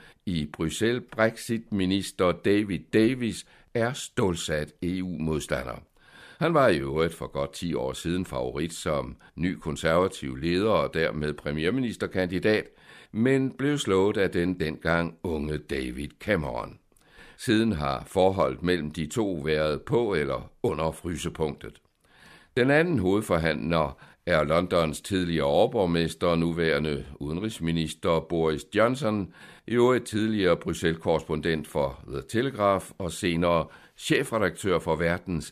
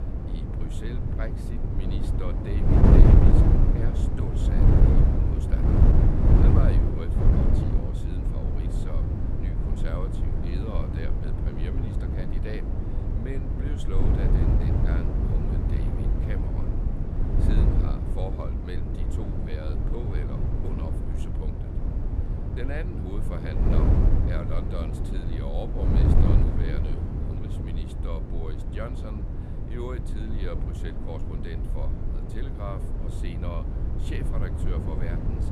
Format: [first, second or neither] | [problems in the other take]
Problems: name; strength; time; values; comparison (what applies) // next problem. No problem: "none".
first | wind noise on the microphone; heavy; 5 dB above the speech